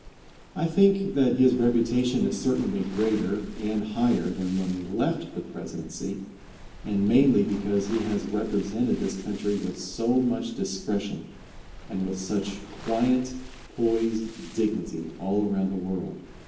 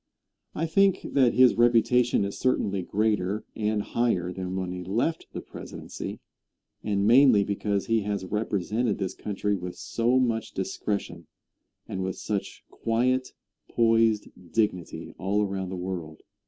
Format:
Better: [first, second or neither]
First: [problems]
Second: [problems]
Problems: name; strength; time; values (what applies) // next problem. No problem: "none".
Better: second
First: background sound (Waves, surf); 18 dB below the speech // room echo; dies away in 0.7 s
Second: none